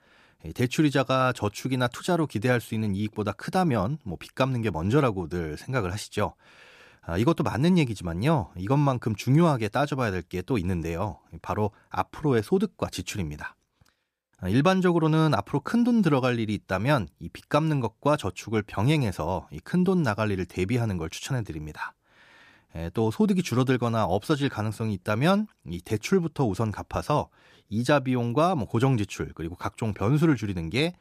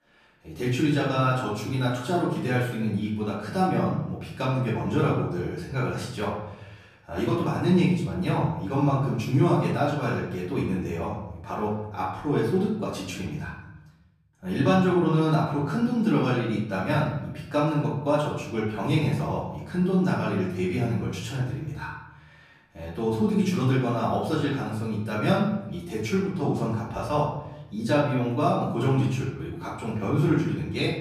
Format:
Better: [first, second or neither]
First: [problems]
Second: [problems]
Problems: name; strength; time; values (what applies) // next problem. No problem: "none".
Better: first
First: none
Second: off-mic speech; far // room echo; noticeable; dies away in 0.8 s